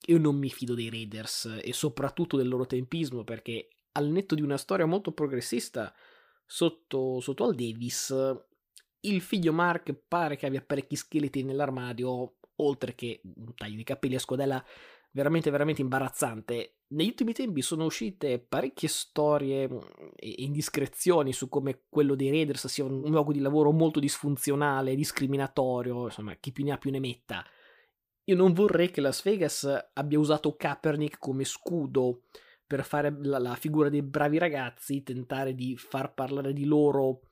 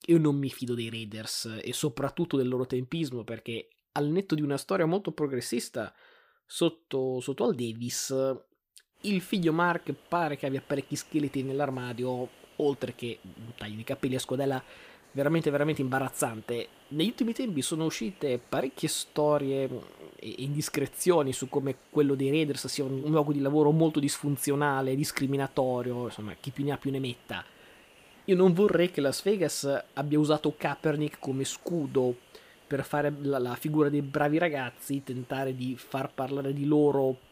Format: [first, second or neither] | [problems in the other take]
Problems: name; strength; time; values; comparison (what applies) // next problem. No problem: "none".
first | hiss; faint; from 9 s on; 25 dB below the speech